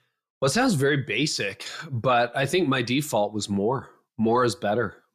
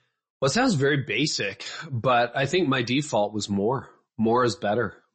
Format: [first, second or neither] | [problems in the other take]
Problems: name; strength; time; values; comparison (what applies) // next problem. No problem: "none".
first | garbled, watery; slightly; nothing above 8 kHz